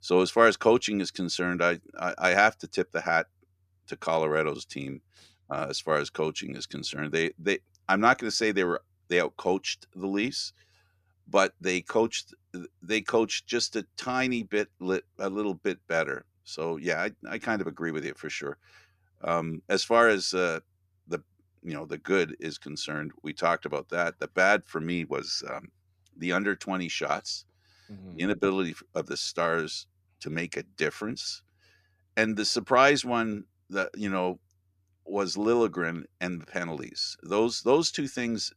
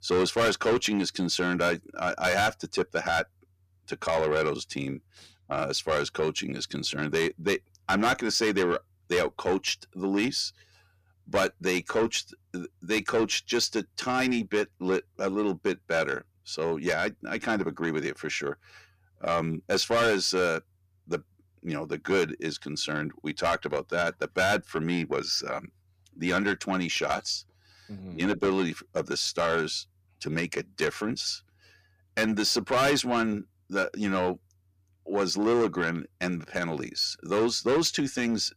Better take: first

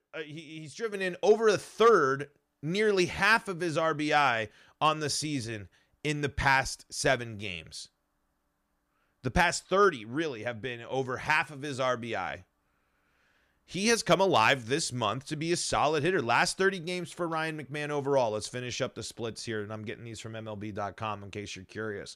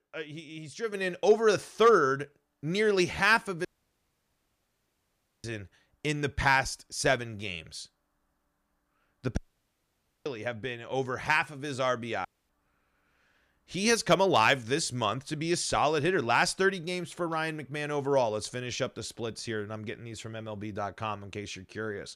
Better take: first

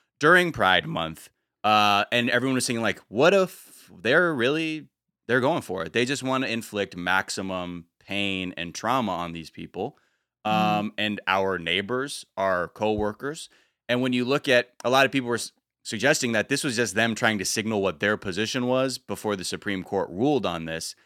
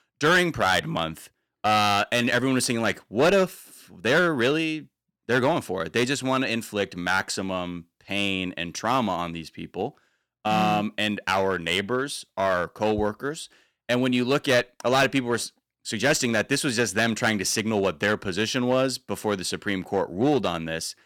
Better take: first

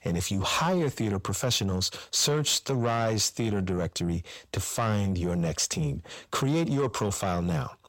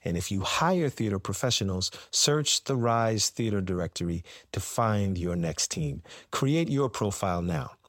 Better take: second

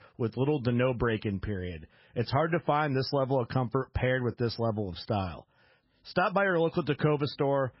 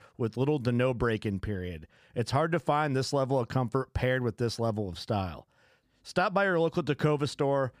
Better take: second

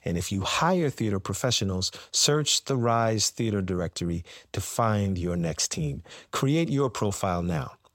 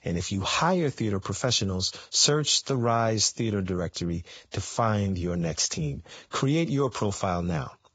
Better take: first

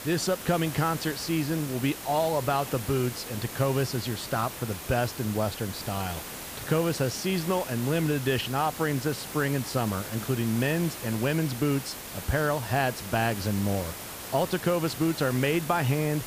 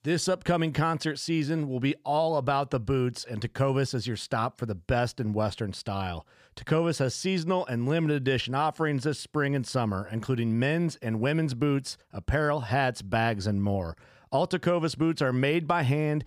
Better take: second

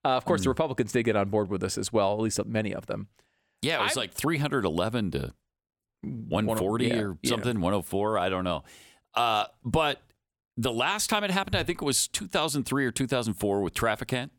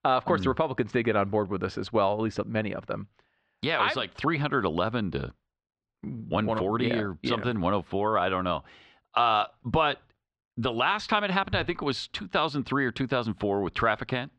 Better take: first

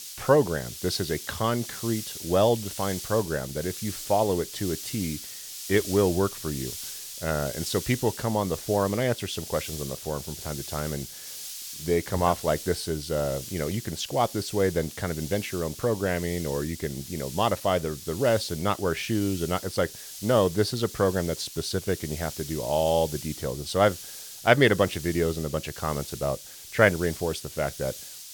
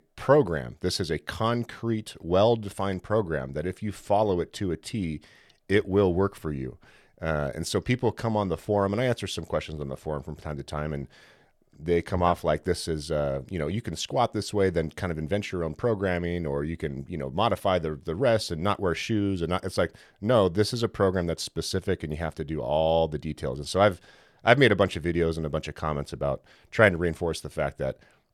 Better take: second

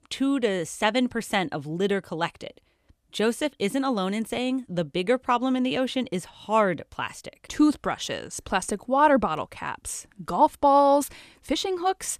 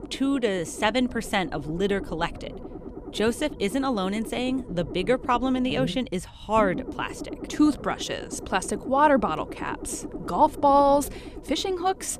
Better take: first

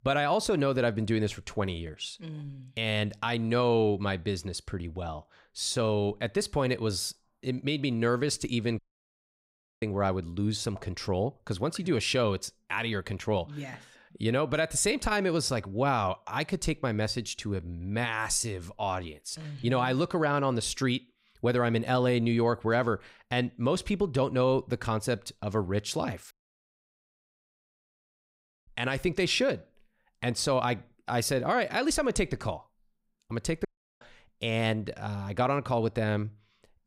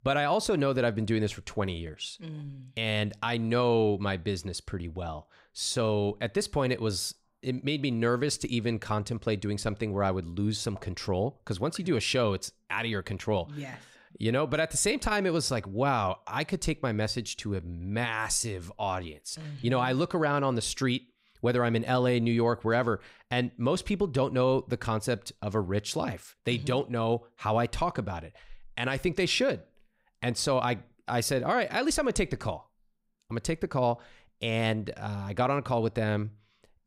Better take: second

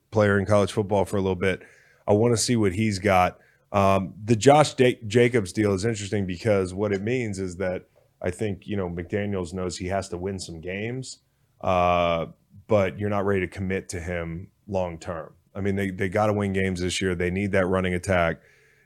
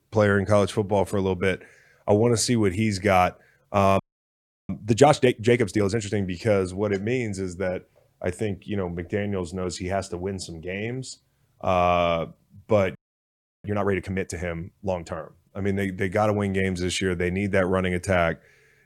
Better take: first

